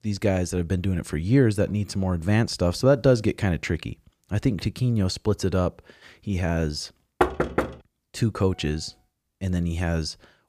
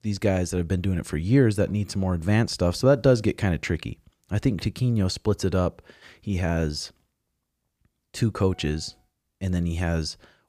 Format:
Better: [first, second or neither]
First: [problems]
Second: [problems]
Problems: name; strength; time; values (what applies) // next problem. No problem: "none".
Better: second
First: door banging; loud; at 7 s; peak level with the speech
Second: none